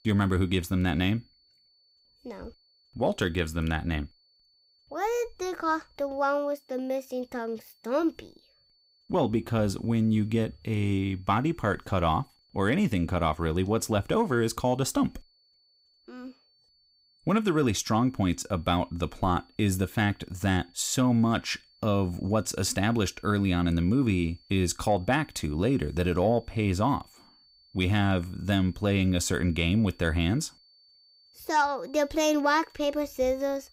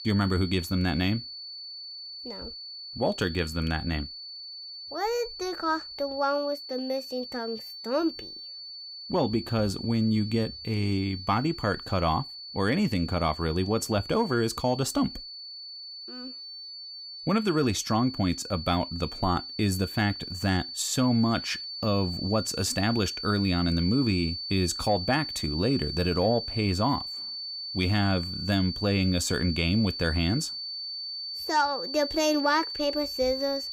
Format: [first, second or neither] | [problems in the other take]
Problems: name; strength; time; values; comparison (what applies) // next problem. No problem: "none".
first | high-pitched whine; loud; throughout; 4.5 kHz, 8 dB below the speech; faint in the first